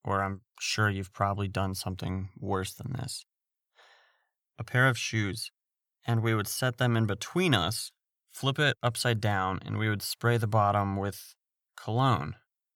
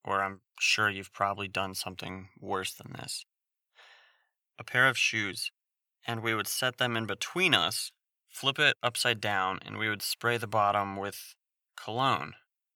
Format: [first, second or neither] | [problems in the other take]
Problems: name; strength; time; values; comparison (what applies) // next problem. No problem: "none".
first | thin; somewhat; fading below 500 Hz